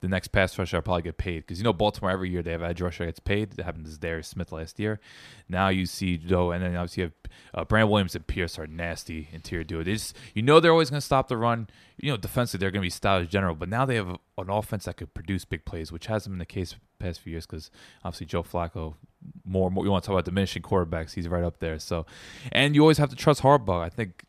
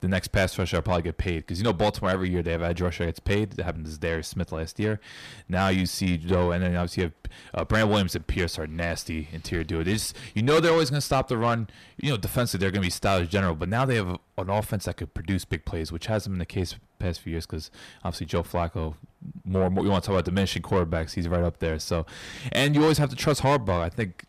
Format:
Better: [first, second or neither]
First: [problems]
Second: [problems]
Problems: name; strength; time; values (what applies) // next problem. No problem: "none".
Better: first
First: none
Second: distortion; heavy; 8 dB below the speech